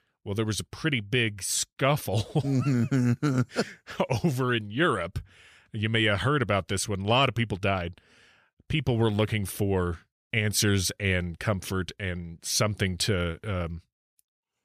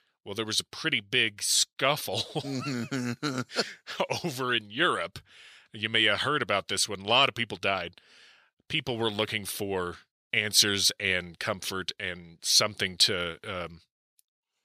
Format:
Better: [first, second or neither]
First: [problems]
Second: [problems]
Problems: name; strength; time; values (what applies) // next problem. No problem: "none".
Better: first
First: none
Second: thin; somewhat; fading below 550 Hz